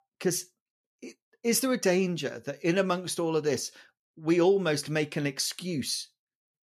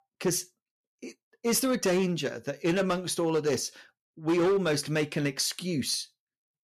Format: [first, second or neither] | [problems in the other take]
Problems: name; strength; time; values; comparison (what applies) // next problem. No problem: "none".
first | distortion; slight; 7% of the sound clipped